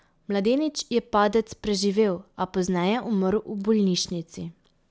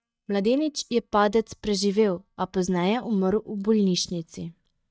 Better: first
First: none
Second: noise reduction (neural mask model DeepFilterNet 3)

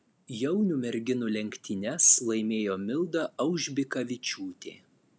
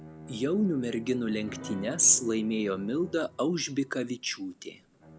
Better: first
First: none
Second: background sound (Piano + Bowed string instrument); 17 dB below the speech

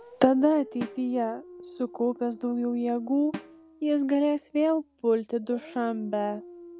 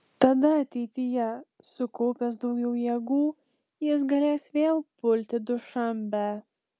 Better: second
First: background sound (Dog + Snare drum); 18 dB below the speech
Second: none

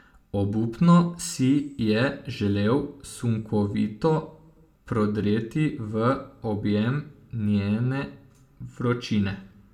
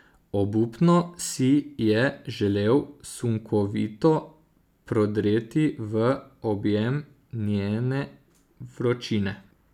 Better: second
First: room echo; dies away in 0.3 s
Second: none

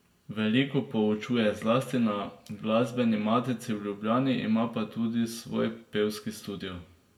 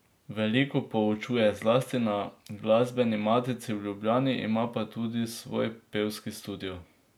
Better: second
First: room echo; dies away in 0.5 s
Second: none

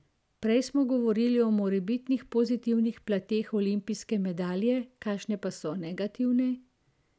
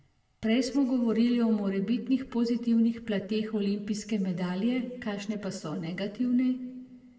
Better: first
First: none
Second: room echo; dies away in 1.3 s

